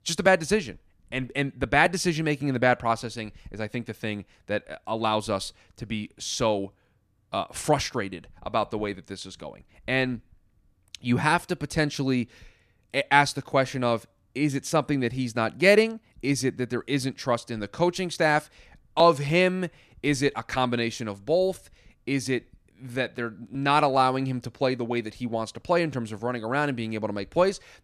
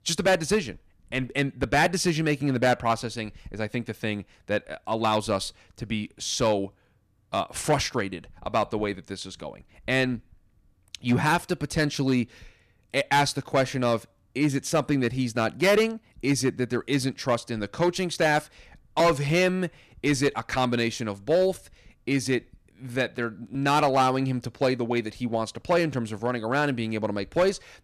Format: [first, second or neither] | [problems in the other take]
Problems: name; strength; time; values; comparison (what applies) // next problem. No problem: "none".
first | distortion; slight; 3% of the sound clipped